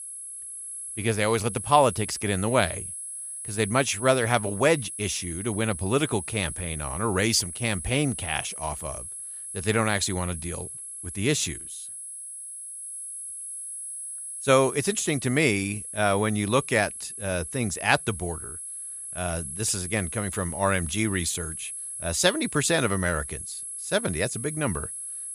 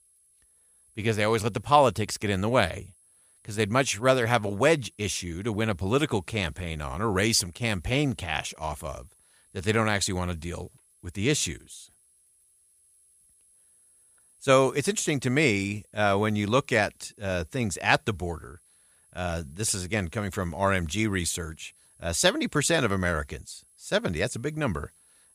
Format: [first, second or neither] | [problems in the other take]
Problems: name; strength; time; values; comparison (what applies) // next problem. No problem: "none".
second | high-pitched whine; loud; throughout; 11 kHz, 8 dB below the speech; faint in the second